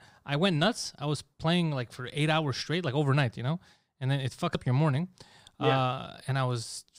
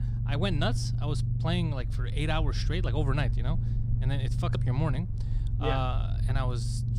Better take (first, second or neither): first